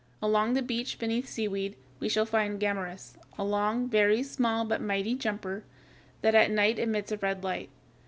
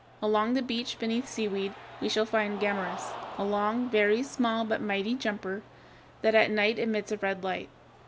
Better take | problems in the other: first | background sound (Cheering); 16 dB below the speech

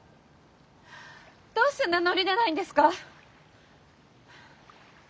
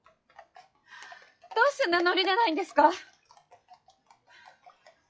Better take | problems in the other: first | noise reduction (classical method log-MMSE)

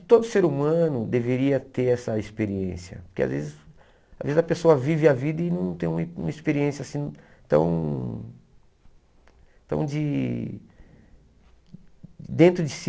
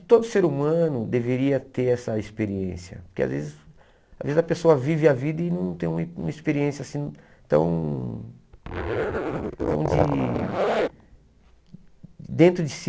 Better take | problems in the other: first | background sound (Zipper (clothing)); 2 dB below the speech

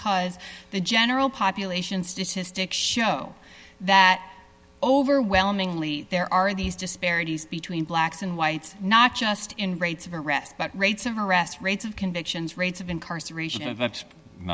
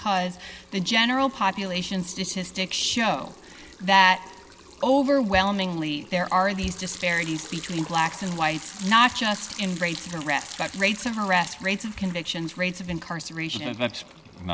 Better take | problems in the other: first | background sound (Liquid); 18 dB below the speech

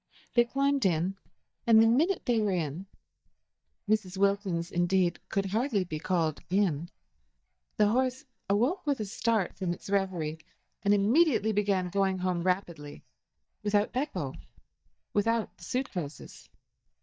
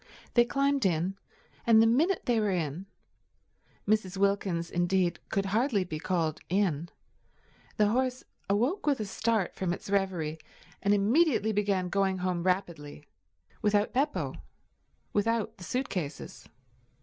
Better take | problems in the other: second | noise reduction (neural mask model DeepFilterNet 3)

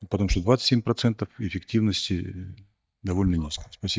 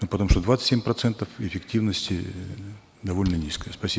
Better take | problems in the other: second | noise reduction (neural mask model DeepFilterNet 3)

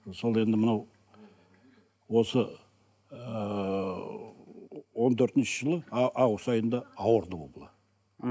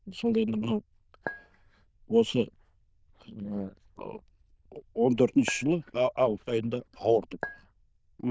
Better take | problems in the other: first | noise reduction (neural diffusion model UNIVERSE++)

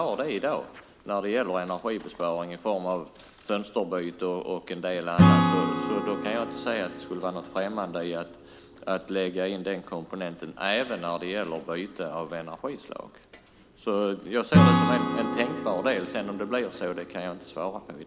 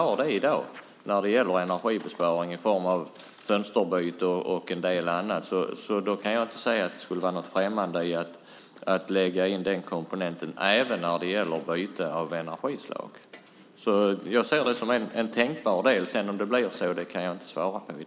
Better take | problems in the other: second | background sound (Acoustic guitar / Strum); 1 dB above the speech

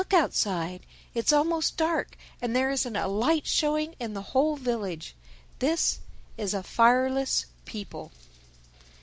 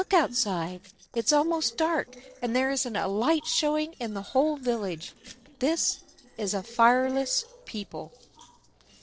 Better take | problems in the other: first | noise reduction (neural separator model SepFormer DNS4)

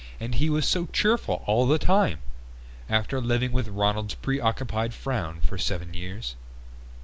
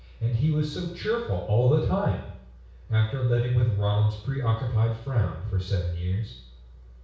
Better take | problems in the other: first | room echo; dies away in 0.6 s

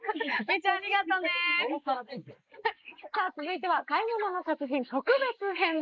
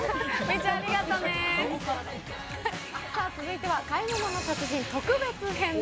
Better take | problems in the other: second | noise reduction (neural mask model Resemble Enhance denoiser)

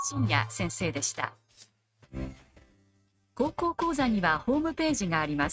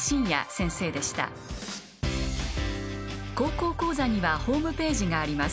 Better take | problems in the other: second | noise reduction (neural mask model RNNoise)

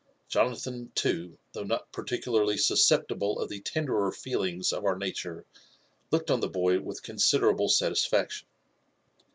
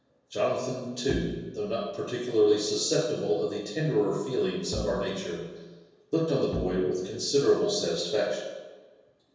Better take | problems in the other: first | background sound (Bowed string instrument); 13 dB below the speech // room echo; dies away in 1.2 s

